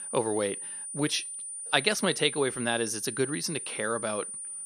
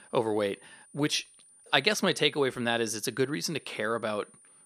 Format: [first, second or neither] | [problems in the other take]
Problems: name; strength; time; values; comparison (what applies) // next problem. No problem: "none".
second | high-pitched whine; loud; throughout; 9.5 kHz, 6 dB below the speech; faint in the second